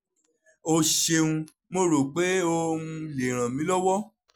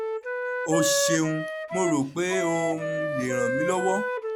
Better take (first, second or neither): first